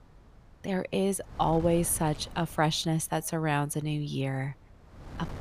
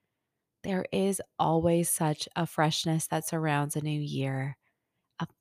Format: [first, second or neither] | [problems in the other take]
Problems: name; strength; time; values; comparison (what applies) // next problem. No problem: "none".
second | wind noise on the microphone; occasional gusts; 25 dB below the speech